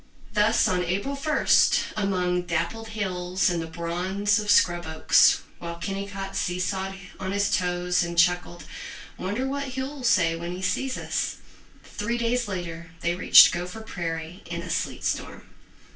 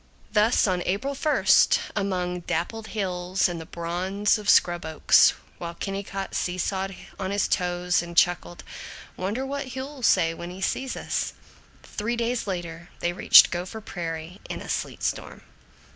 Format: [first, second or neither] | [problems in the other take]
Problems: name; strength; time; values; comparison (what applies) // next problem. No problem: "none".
second | room echo; dies away in 0.2 s